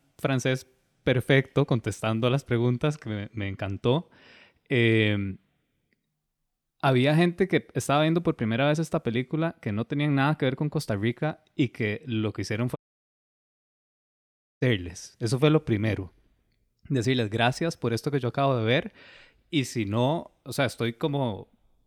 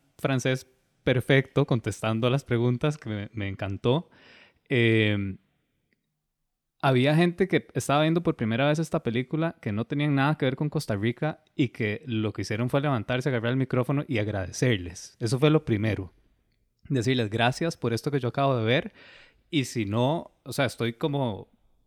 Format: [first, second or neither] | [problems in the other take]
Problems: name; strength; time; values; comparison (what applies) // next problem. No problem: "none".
second | audio cutting out; at 13 s for 2 s